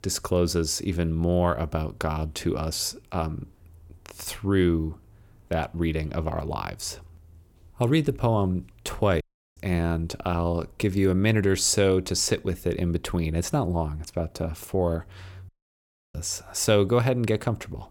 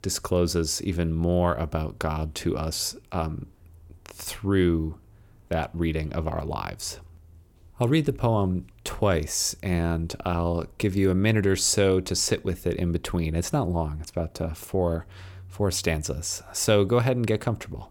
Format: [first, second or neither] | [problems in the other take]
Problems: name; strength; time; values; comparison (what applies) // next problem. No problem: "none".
second | audio cutting out; at 9 s and at 15 s for 0.5 s